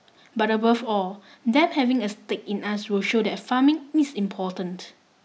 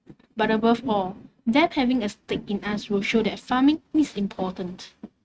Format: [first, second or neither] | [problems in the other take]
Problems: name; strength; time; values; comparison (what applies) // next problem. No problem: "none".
first | noise reduction (neural mask model RNNoise)